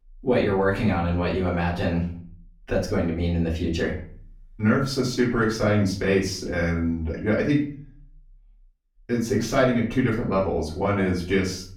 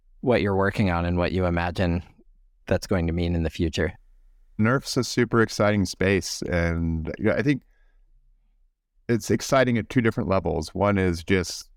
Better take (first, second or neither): second